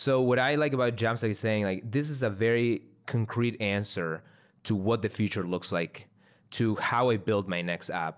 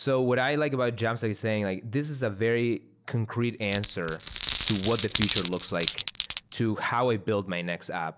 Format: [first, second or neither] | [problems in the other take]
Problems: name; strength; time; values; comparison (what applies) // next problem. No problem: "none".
first | background sound (Glass); 7 dB below the speech